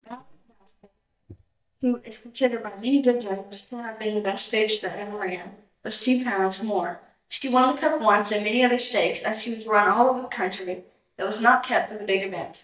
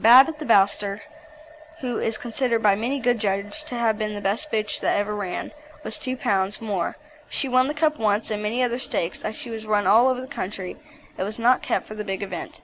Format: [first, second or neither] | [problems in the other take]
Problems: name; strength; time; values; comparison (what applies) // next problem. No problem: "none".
second | noise reduction (neural mask model DeepFilterNet 3)